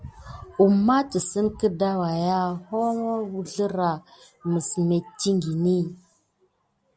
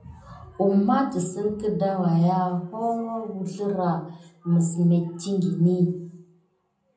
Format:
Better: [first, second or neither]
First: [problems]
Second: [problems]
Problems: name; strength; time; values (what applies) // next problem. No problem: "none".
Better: first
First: none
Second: room echo; dies away in 0.6 s